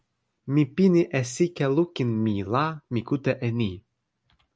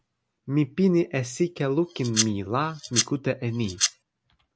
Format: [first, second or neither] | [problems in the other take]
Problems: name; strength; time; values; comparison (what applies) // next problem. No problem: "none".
first | background sound (Domestic sounds, home sounds); 2 dB below the speech